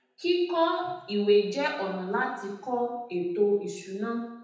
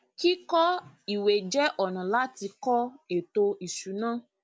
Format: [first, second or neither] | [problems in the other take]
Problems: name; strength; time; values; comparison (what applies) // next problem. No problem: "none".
second | room echo; dies away in 0.9 s